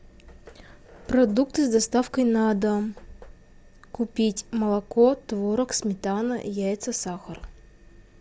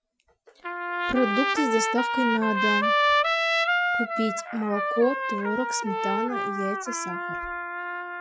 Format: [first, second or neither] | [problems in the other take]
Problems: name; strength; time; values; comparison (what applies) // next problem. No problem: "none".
first | noise reduction (classical method Wiener filter)